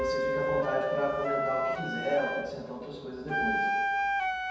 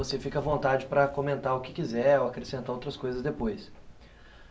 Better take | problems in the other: second | background sound (Wind instrument, woodwind instrument); 3 dB above the speech // room echo; dies away in 1.2 s

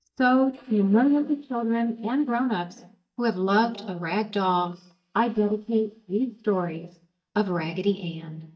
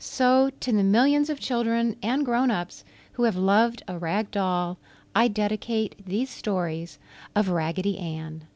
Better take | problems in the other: second | noise reduction (neural mask model DeepFilterNet 3)

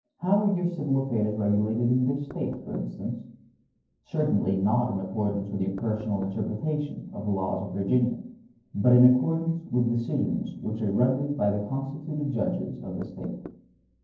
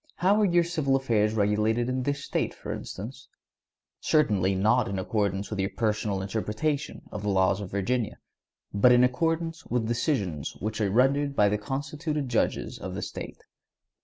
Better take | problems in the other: second | noise reduction (neural separator model SepFormer DNS4)

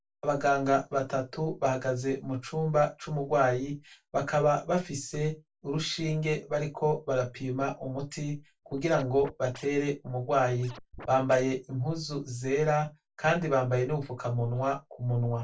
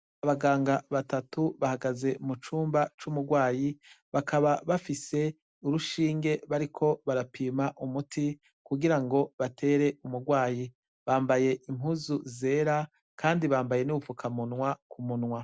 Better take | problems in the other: second | noise reduction (neural separator model SepFormer DNS4)

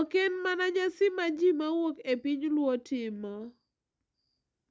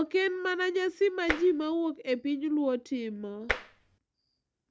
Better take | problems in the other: first | background sound (Tap); 5 dB below the speech

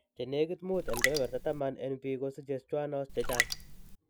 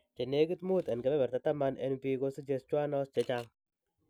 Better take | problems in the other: second | background sound (Raindrop); as loud as the speech

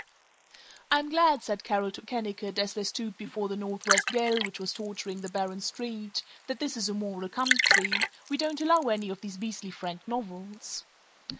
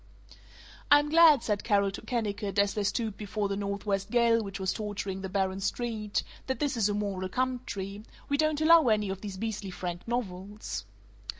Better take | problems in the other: second | noise reduction (neural mask model Resemble Enhance denoiser)

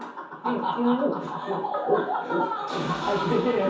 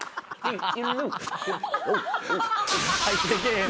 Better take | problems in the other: second | room echo; dies away in 0.6 s

